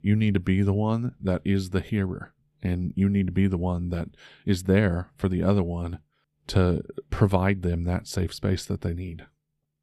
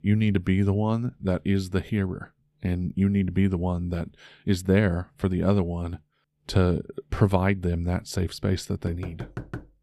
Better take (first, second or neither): first